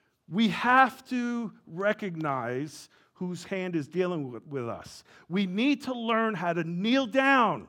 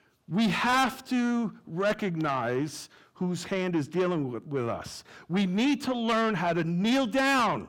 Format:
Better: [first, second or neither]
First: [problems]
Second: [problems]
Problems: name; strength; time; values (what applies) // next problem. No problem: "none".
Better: first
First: none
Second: distortion; heavy; 7 dB below the speech